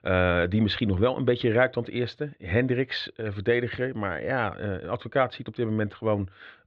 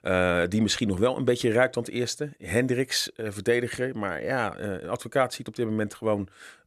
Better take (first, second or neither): second